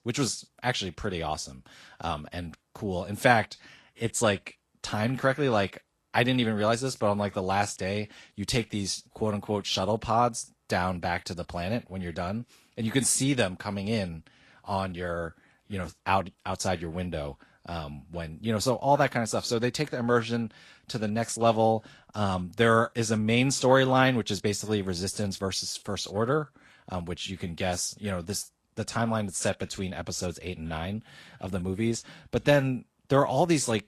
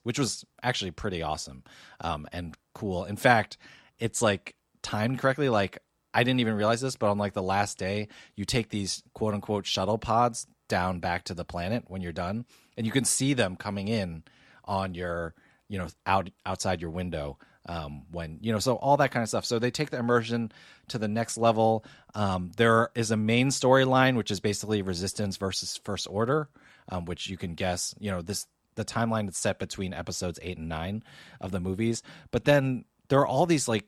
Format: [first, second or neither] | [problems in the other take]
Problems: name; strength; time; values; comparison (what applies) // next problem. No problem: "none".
second | garbled, watery; slightly